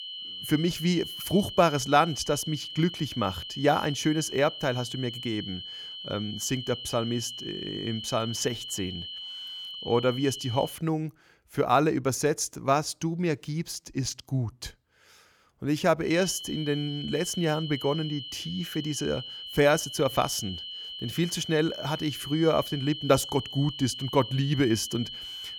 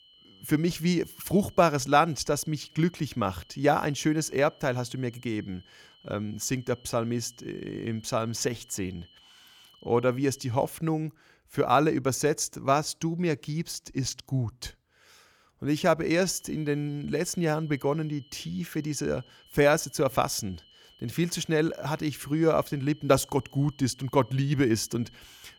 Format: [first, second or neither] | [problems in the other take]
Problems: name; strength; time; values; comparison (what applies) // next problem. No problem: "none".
second | high-pitched whine; loud; until 11 s and from 16 s on; 3 kHz, 9 dB below the speech; faint in the second